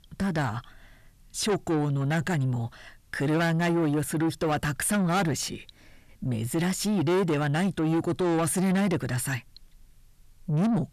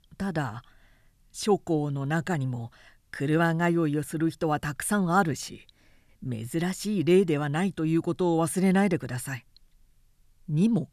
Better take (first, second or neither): second